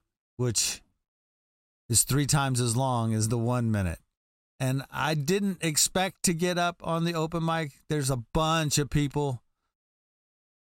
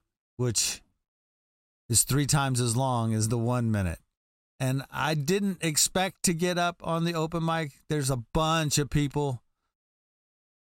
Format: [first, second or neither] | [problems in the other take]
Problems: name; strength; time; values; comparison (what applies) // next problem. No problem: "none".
neither | none